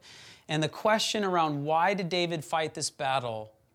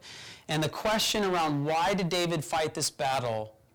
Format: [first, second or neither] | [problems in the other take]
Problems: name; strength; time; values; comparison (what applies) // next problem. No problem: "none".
first | distortion; heavy; 19% of the sound clipped